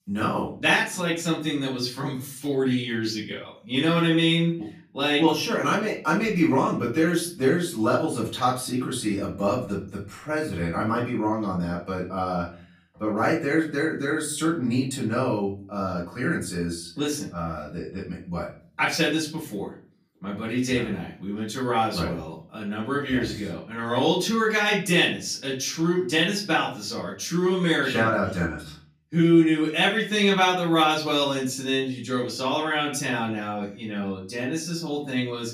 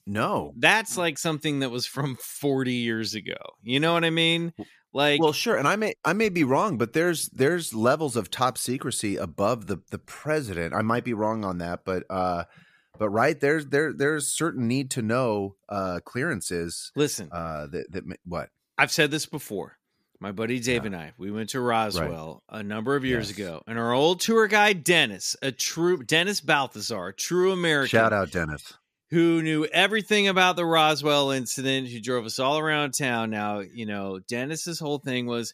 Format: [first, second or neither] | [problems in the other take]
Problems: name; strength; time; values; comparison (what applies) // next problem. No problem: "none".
second | off-mic speech; far // room echo; slight; dies away in 0.4 s